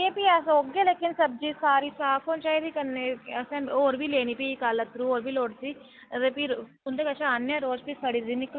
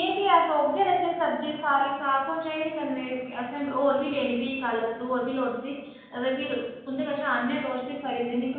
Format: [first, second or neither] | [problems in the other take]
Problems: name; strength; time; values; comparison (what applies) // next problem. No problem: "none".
first | room echo; dies away in 1 s